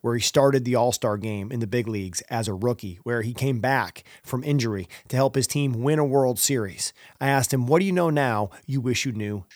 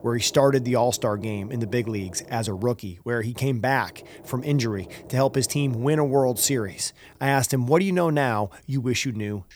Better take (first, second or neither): first